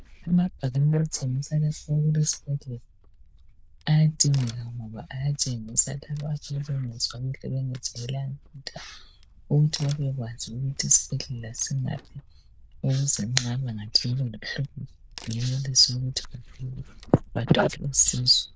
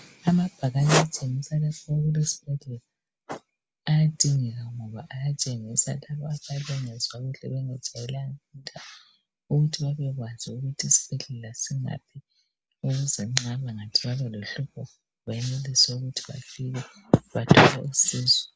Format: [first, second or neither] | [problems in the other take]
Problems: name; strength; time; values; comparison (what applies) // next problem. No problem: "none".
second | noise reduction (neural diffusion model UNIVERSE++)